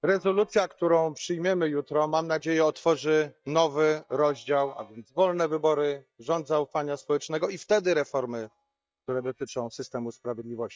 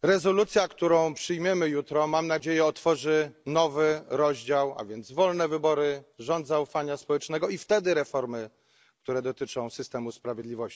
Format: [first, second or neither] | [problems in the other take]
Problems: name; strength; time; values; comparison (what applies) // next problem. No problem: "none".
second | noise reduction (neural mask model DeepFilterNet 3)